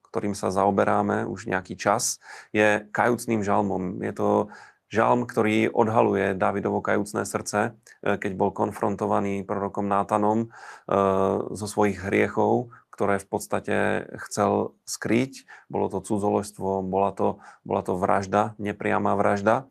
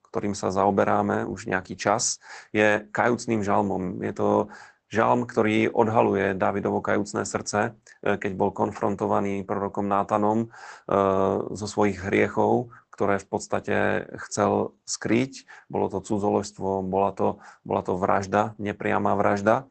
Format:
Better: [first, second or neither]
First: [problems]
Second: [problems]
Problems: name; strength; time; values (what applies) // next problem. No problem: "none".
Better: first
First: garbled, watery; slightly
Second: garbled, watery; badly; nothing above 8 kHz